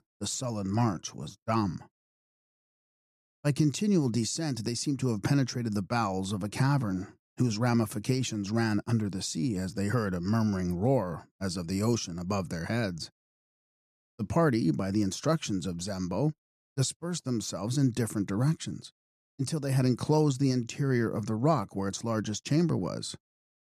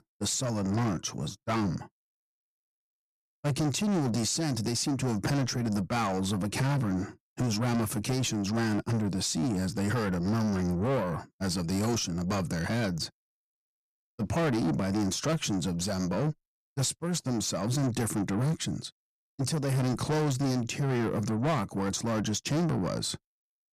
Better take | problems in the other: first | distortion; heavy; 7 dB below the speech

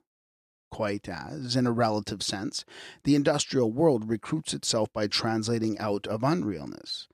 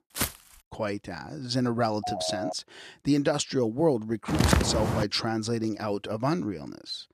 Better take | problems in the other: first | footsteps; noticeable; at the start; peak 2 dB below the speech // phone ringing; noticeable; at 2 s; peak 4 dB below the speech // footsteps; loud; at 4.5 s; peak 5 dB above the speech

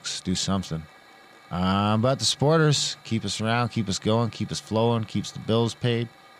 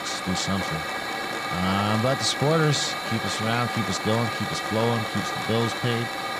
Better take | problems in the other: first | hiss; loud; throughout; 2 dB below the speech; faint in the first

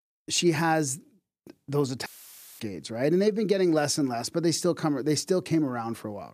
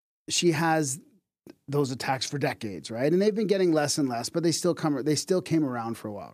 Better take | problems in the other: second | audio cutting out; filled with static; at 2 s for 0.5 s

